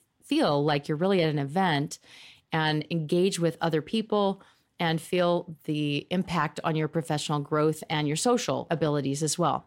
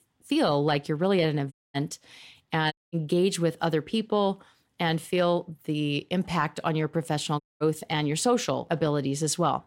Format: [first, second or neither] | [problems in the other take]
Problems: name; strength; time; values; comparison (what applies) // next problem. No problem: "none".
first | audio cutting out; at 1.5 s, at 2.5 s and at 7.5 s